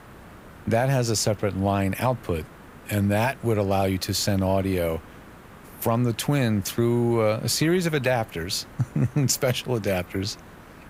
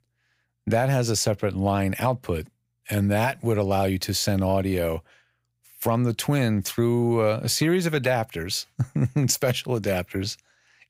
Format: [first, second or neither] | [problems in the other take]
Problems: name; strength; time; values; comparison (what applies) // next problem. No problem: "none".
second | hiss; faint; throughout; 20 dB below the speech